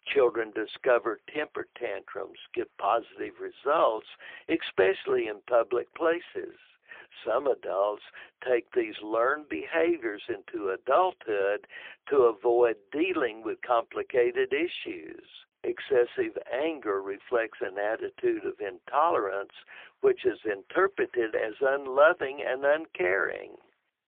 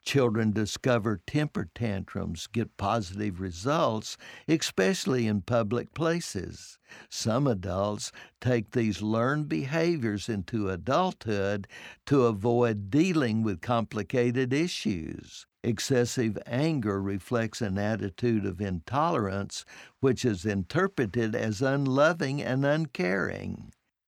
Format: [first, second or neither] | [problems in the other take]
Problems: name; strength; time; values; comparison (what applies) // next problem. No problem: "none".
second | phone-call audio; poor line